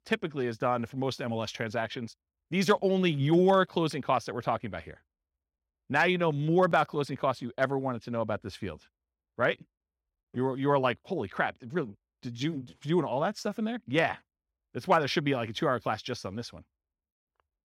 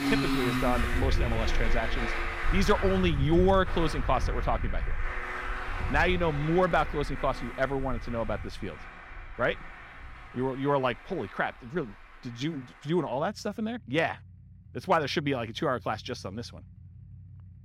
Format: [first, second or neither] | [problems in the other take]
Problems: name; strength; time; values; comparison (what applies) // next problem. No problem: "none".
first | traffic noise; loud; throughout; 4 dB below the speech